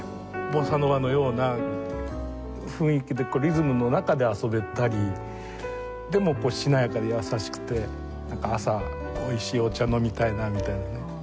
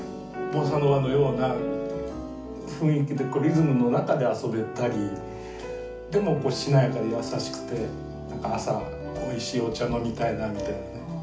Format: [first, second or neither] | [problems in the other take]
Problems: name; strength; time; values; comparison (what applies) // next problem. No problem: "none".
first | room echo; dies away in 0.4 s